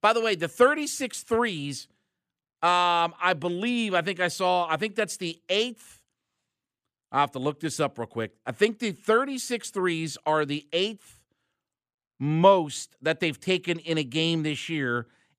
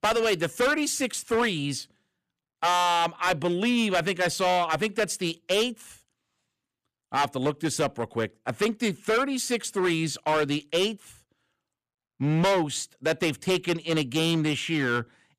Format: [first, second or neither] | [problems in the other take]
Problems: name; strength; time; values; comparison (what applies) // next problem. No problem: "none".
first | distortion; heavy; 10% of the sound clipped